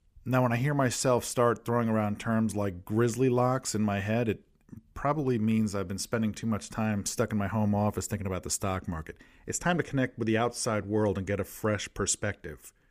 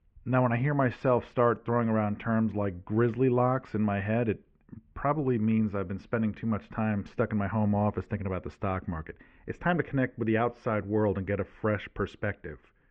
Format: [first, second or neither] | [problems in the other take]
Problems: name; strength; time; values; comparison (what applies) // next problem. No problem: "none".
first | muffled; very; fading above 2.5 kHz